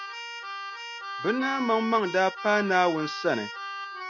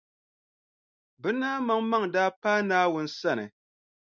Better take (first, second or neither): second